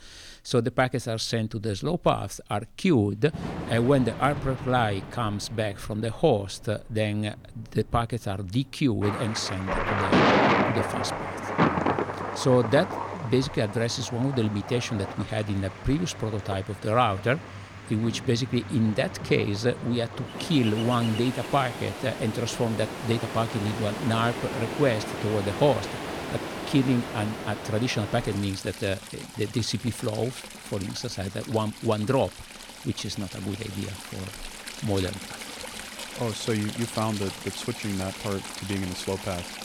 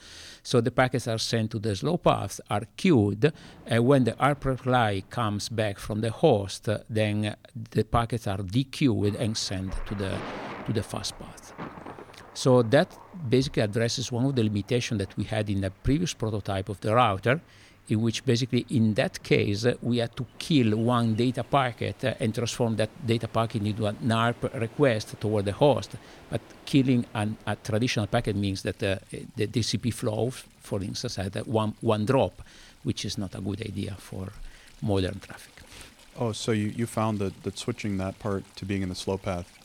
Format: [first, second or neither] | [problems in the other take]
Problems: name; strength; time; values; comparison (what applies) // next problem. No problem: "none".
second | rain or running water; loud; throughout; 5 dB below the speech; faint in the second